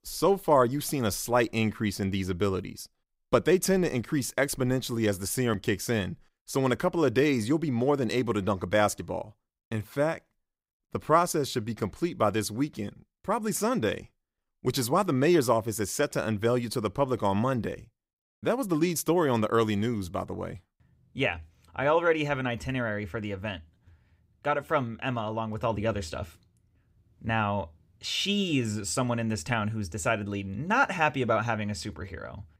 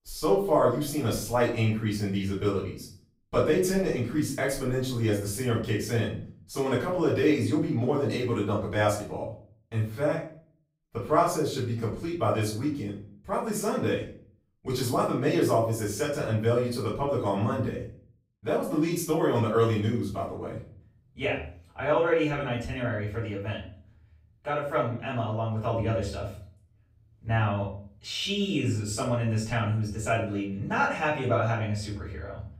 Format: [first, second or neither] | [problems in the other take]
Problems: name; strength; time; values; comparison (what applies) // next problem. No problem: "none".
first | off-mic speech; far // room echo; noticeable; dies away in 0.4 s